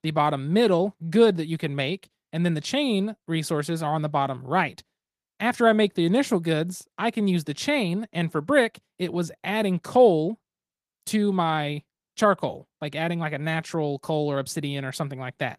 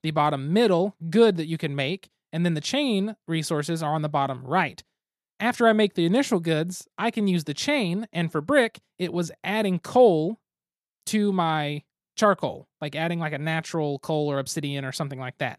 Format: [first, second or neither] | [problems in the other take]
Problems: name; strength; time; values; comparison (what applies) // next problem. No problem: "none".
second | garbled, watery; slightly